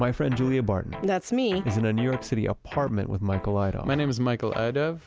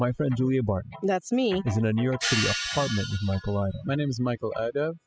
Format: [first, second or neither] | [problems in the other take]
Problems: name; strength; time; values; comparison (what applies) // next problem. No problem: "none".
first | noise reduction (classical method spectral subtraction)